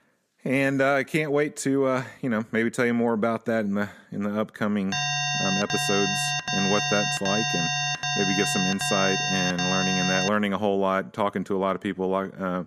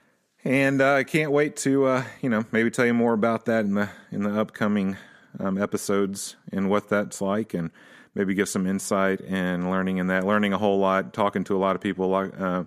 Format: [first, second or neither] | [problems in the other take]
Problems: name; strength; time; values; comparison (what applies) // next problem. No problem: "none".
second | alarm; loud; from 5 to 10 s; peak 2 dB above the speech